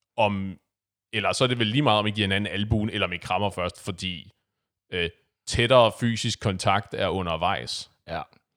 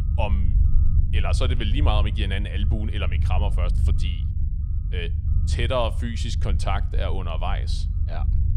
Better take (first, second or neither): first